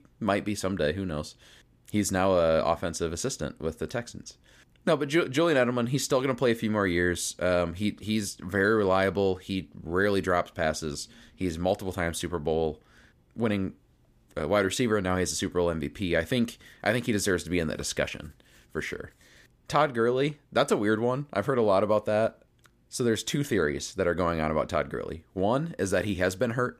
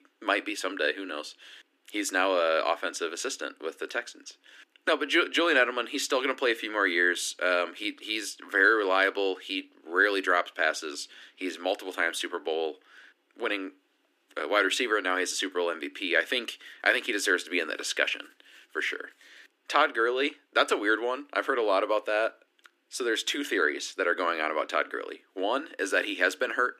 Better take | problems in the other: first | thin; somewhat; fading below 300 Hz

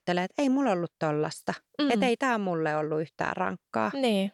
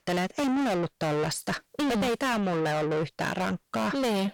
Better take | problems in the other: first | distortion; heavy; 6 dB below the speech

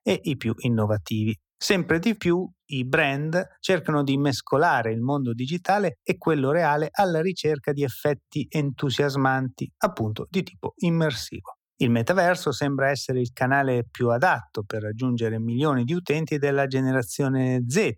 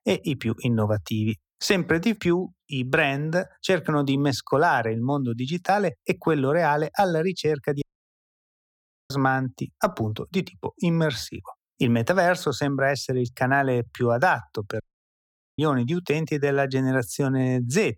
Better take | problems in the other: first | audio cutting out; at 8 s for 1.5 s and at 15 s for 1 s

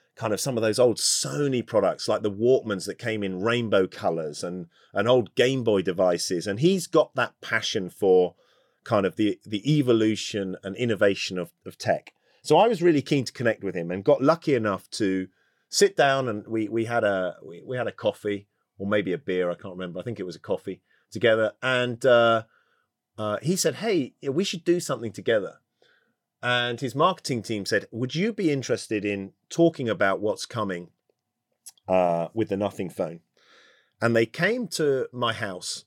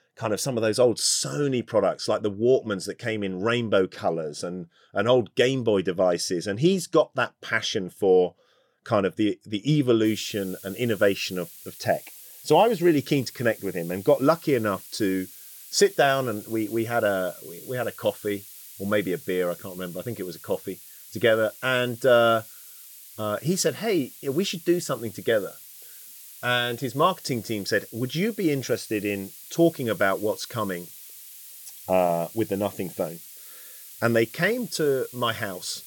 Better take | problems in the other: first | hiss; noticeable; from 10 s on; 15 dB below the speech

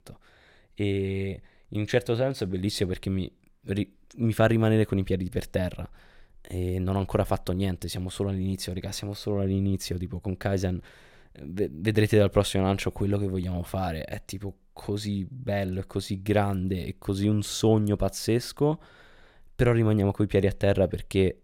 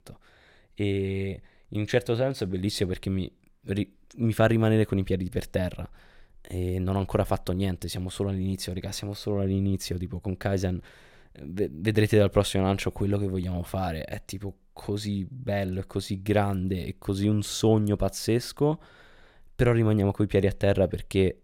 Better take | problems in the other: neither | none

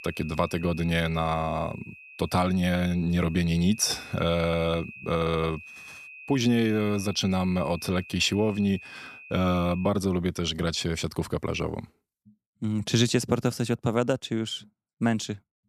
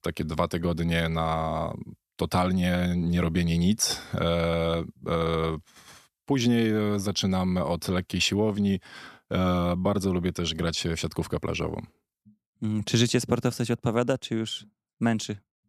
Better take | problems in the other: second | high-pitched whine; noticeable; until 10 s; 2.5 kHz, 15 dB below the speech

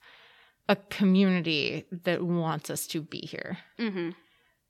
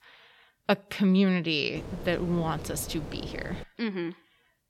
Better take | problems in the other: first | wind noise on the microphone; faint; from 2 to 3.5 s; 15 dB below the speech

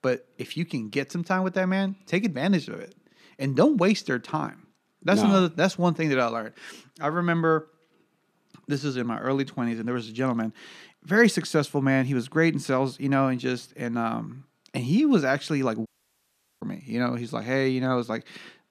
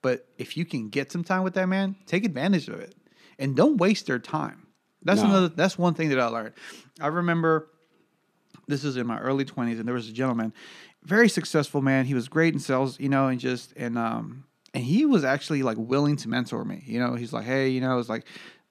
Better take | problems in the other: second | audio cutting out; at 16 s for 1 s

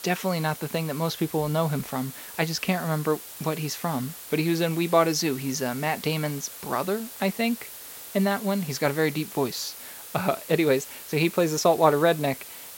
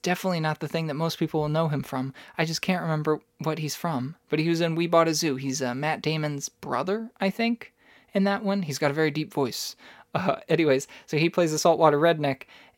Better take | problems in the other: second | hiss; noticeable; throughout; 10 dB below the speech

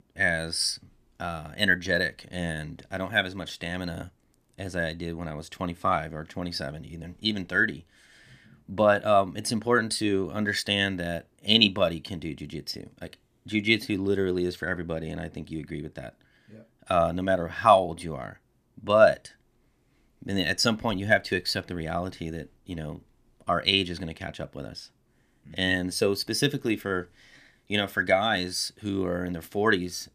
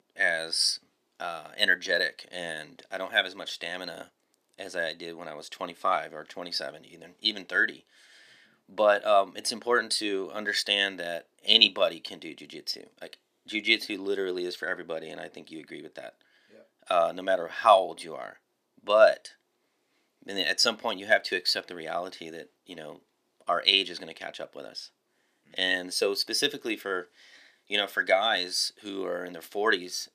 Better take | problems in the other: first | thin; somewhat; fading below 450 Hz

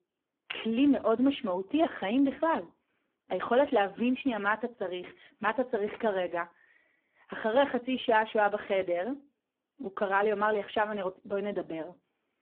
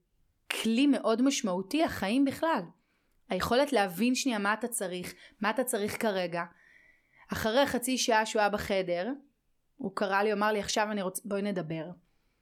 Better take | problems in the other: second | phone-call audio; poor line

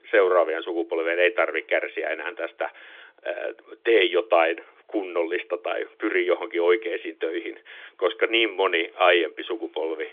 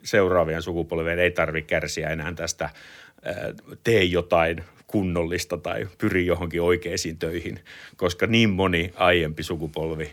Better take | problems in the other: second | phone-call audio; nothing above 3.5 kHz

